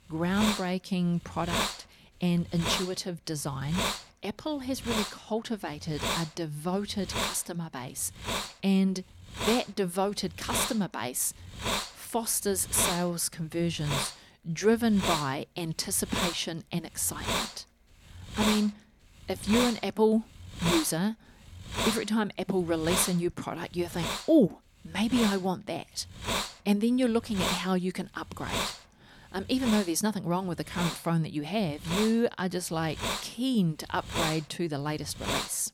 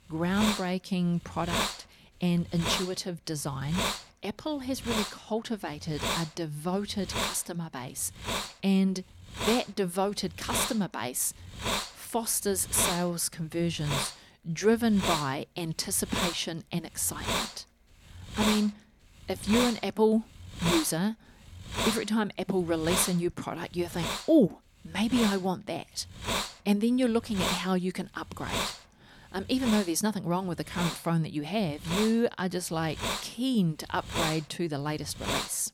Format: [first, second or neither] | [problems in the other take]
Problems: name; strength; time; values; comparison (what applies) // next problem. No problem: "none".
neither | hiss; loud; throughout; 3 dB below the speech; the same in both